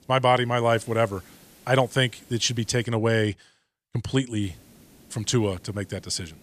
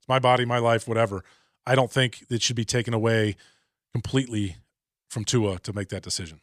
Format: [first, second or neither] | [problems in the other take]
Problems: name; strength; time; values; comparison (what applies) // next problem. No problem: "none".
second | hiss; faint; until 3 s and from 4.5 s on; 25 dB below the speech